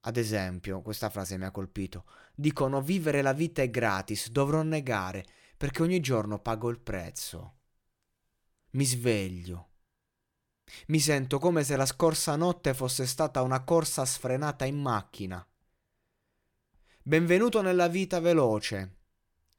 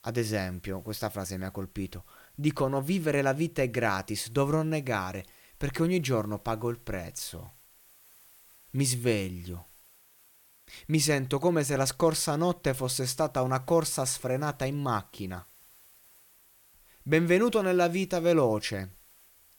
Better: first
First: none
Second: hiss; faint; throughout; 25 dB below the speech

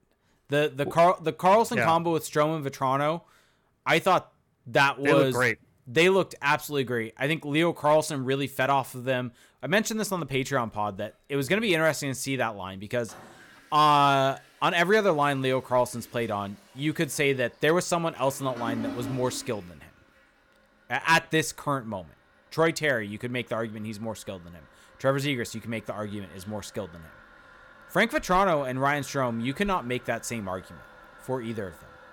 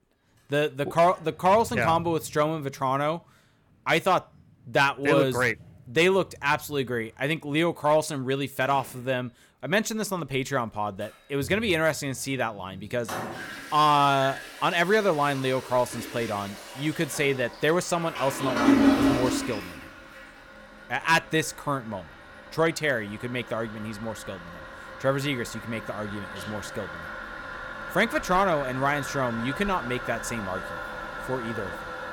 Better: first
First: household noises; faint; throughout; 20 dB below the speech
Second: household noises; loud; throughout; 6 dB below the speech

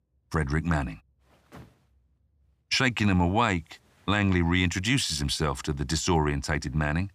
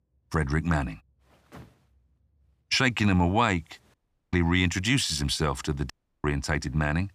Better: first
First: none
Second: audio cutting out; at 4 s and at 6 s

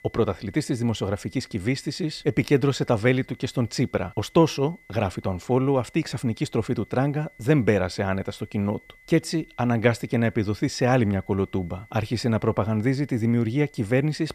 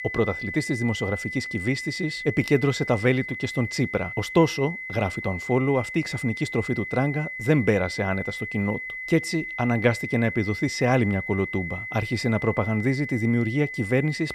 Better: first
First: high-pitched whine; faint; throughout; 2 kHz, 30 dB below the speech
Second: high-pitched whine; loud; throughout; 2 kHz, 7 dB below the speech

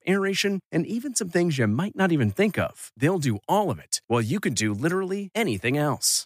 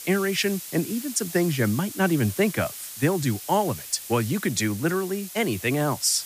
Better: first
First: none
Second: hiss; noticeable; throughout; 10 dB below the speech

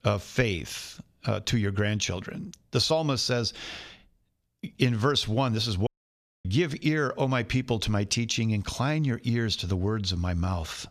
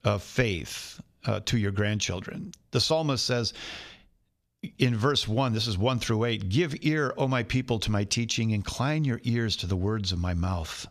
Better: second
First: audio cutting out; at 6 s for 0.5 s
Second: none

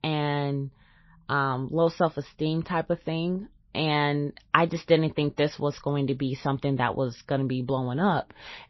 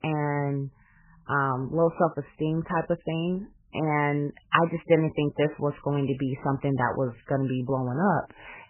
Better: first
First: garbled, watery; slightly; nothing above 5.5 kHz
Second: garbled, watery; badly; nothing above 3 kHz

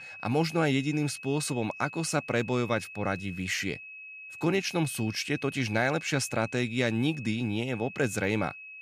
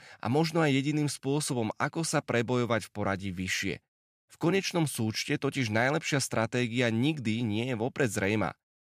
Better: second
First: high-pitched whine; noticeable; throughout; 2.5 kHz, 15 dB below the speech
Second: none

